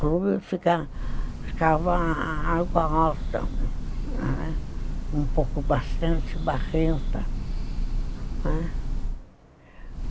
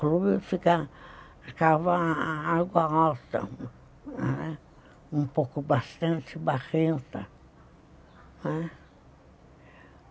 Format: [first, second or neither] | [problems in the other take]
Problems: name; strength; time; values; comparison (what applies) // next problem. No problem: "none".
second | background sound (Bird / Breathing); 1 dB above the speech